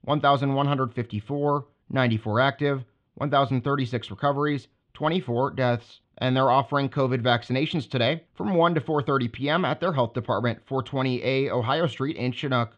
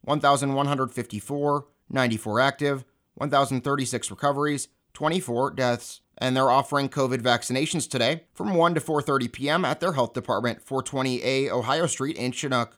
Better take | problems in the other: second | muffled; slightly; fading above 3.5 kHz

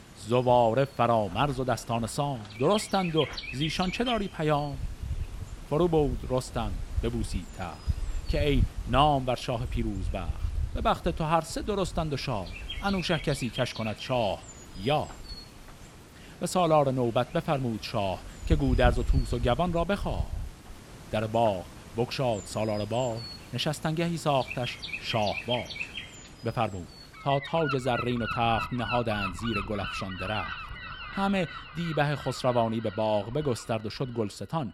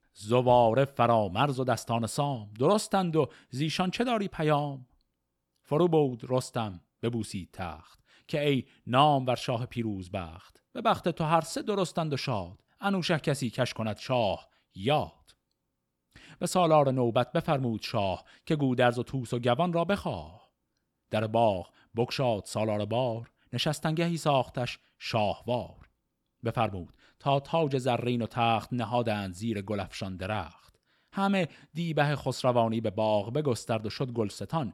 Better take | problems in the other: second | animal sounds; loud; throughout; 8 dB below the speech

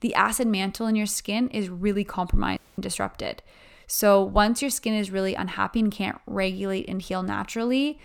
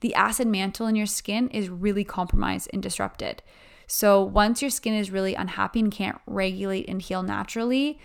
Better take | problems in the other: second | audio cutting out; at 2.5 s

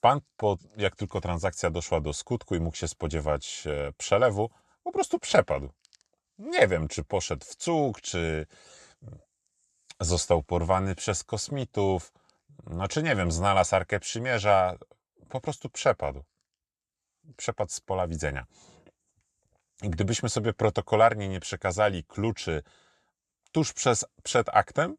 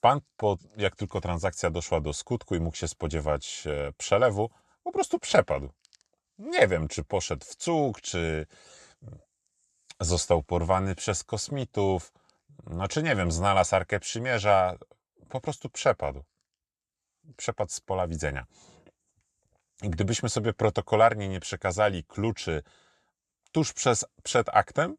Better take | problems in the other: neither | none

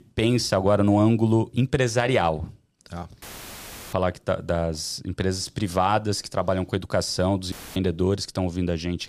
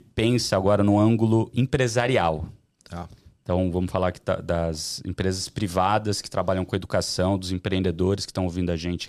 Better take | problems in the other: second | audio cutting out; filled with static; at 3 s for 0.5 s and at 7.5 s

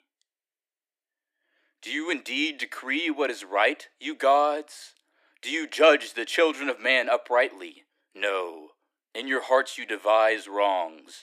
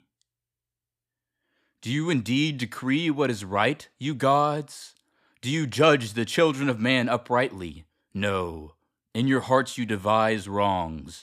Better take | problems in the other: second | thin; somewhat; fading below 300 Hz

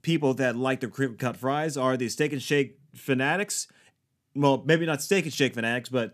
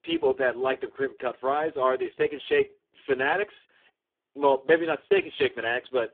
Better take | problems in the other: first | phone-call audio; poor line

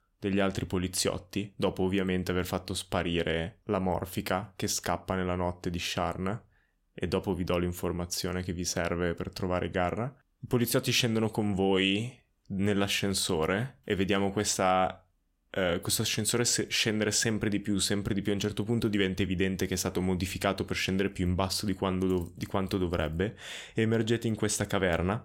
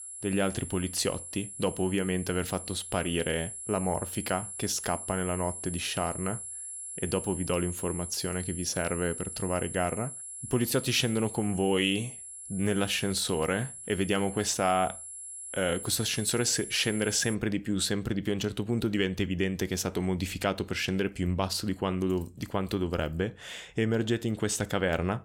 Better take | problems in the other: first | high-pitched whine; loud; until 17 s; 10.5 kHz, 8 dB below the speech

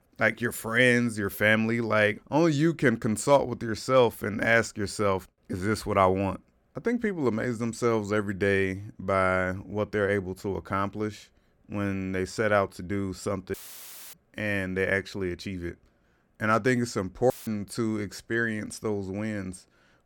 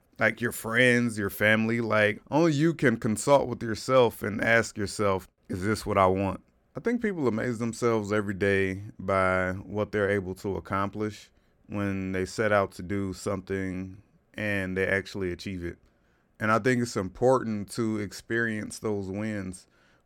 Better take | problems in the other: second | audio cutting out; filled with static; at 14 s for 0.5 s and at 17 s

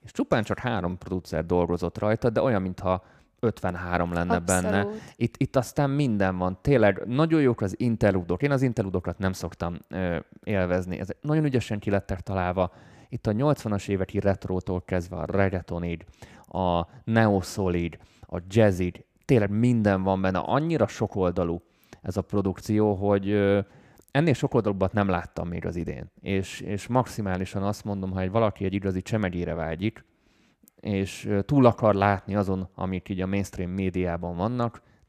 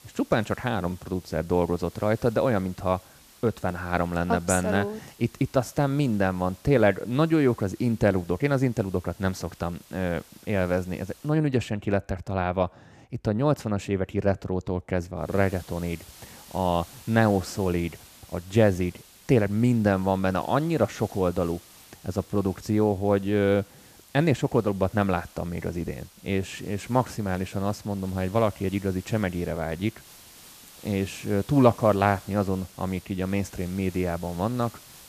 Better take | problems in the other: first | hiss; faint; until 11 s and from 15 s on; 25 dB below the speech

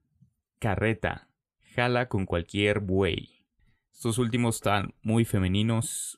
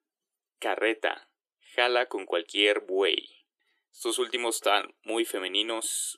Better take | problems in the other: first | thin; very; fading below 350 Hz

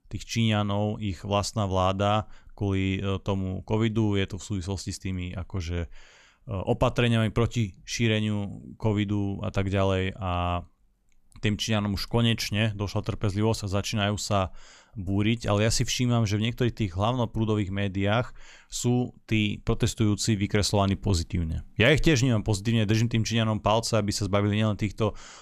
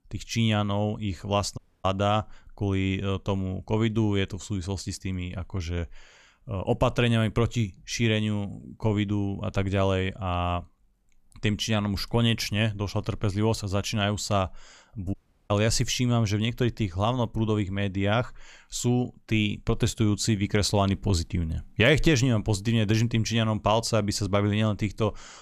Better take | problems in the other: first | audio cutting out; at 1.5 s and at 15 s

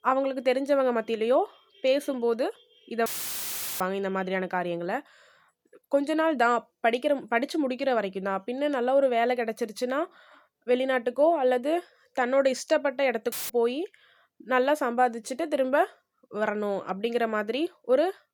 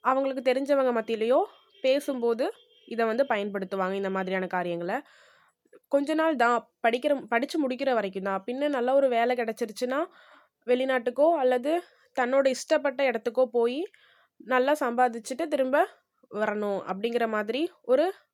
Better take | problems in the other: second | audio cutting out; filled with static; at 3 s for 0.5 s and at 13 s

